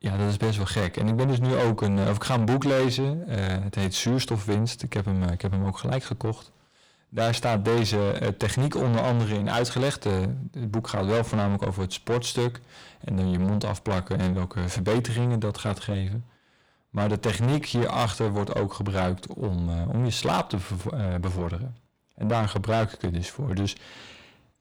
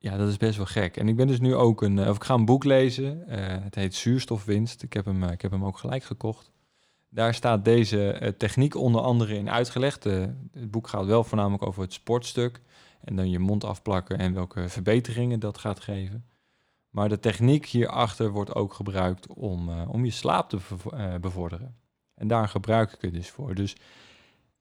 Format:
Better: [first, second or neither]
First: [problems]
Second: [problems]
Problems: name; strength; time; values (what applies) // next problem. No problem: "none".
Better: second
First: distortion; heavy; 6 dB below the speech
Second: none